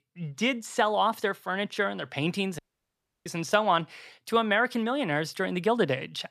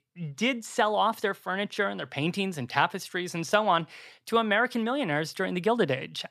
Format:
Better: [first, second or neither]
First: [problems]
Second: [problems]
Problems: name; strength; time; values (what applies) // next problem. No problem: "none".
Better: second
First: audio cutting out; at 2.5 s for 0.5 s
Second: none